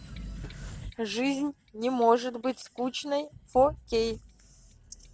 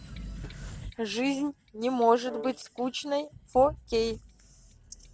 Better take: first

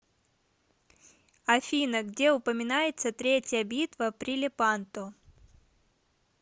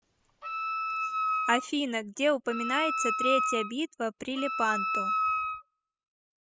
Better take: first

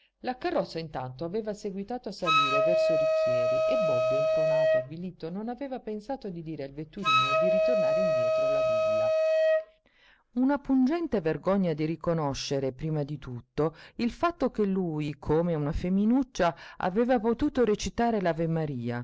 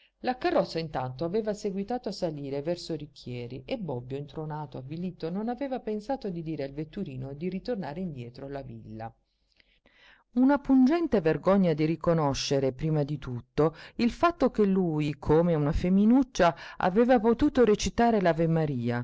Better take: second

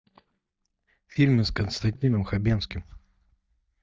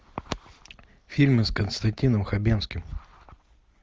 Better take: second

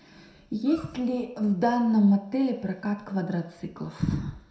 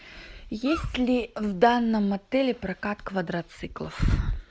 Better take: second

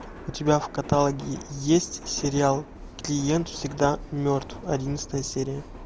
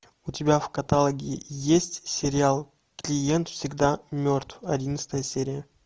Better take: second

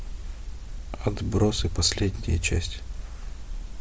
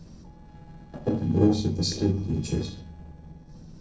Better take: first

